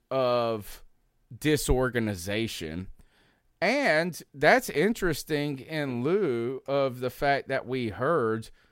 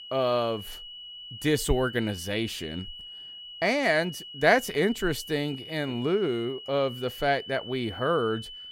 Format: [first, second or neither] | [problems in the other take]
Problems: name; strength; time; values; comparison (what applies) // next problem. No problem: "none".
first | high-pitched whine; noticeable; throughout; 3 kHz, 15 dB below the speech